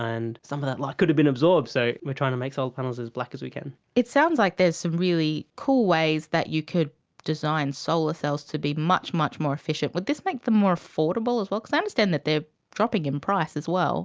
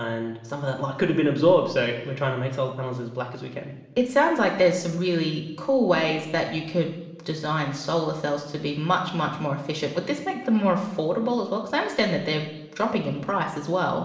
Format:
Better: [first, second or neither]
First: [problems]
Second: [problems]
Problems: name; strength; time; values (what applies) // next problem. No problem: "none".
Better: first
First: none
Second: room echo; dies away in 1 s